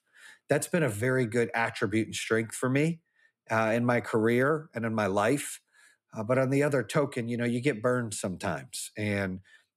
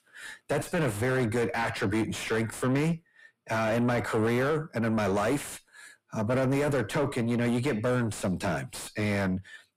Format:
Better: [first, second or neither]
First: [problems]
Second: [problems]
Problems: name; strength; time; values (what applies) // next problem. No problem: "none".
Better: first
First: none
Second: distortion; heavy; 6 dB below the speech